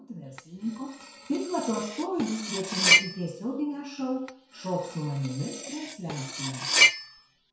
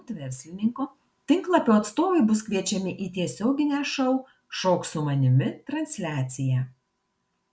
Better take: second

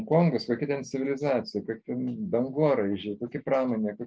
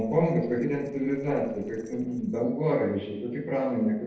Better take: first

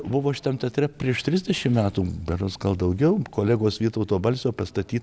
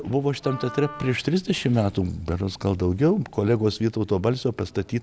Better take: first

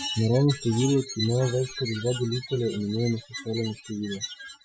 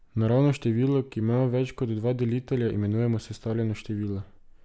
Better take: second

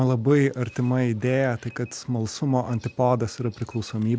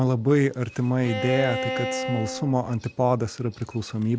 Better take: first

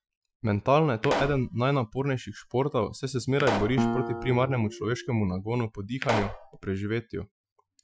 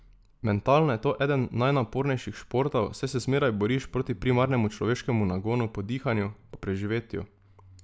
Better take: second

